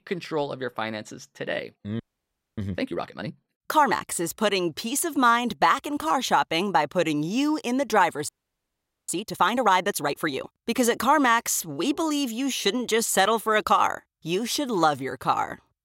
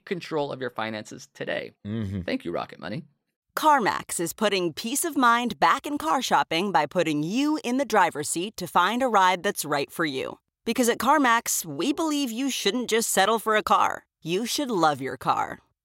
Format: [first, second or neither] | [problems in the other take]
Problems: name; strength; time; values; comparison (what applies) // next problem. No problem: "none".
second | audio freezing; at 2 s for 0.5 s and at 8.5 s for 1 s